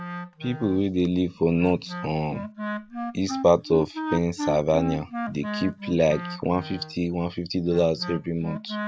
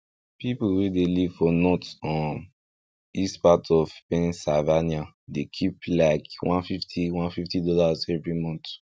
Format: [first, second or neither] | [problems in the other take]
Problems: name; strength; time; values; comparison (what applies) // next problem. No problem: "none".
second | background sound (Wind instrument, woodwind instrument); 9 dB below the speech